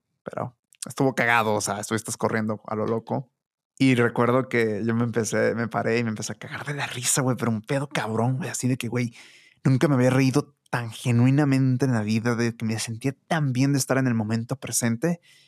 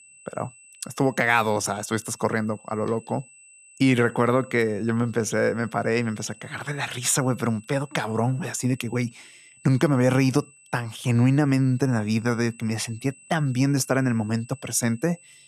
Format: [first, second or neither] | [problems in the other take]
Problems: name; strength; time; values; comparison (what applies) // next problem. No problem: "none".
first | high-pitched whine; faint; throughout; 8 kHz, 25 dB below the speech